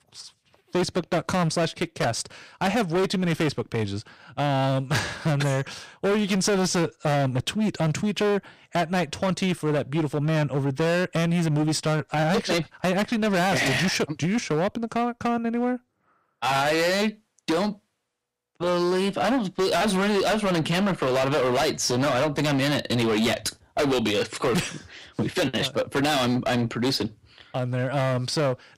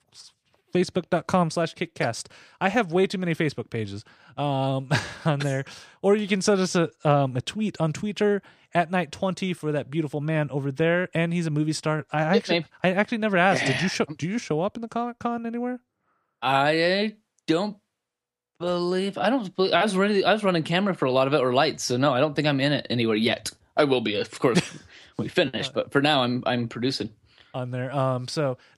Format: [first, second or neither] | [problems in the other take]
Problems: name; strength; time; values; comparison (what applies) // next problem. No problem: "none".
second | distortion; heavy; 21% of the sound clipped